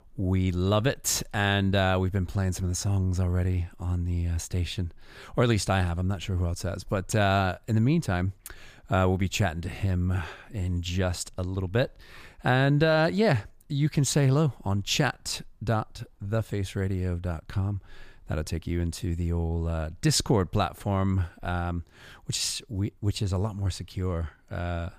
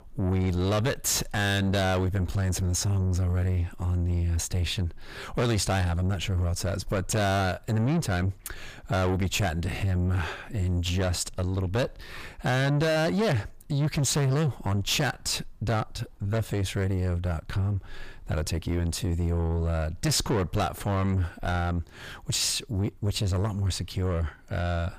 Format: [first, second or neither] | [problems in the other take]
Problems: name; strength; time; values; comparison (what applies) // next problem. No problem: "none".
first | distortion; heavy; 7 dB below the speech